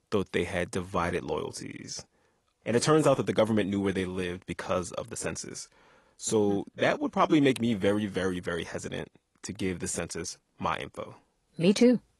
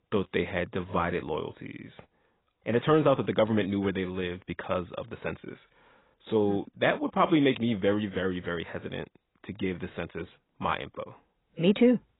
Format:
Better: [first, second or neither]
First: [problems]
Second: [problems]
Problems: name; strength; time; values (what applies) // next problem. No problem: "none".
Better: first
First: garbled, watery; slightly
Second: garbled, watery; badly; nothing above 3.5 kHz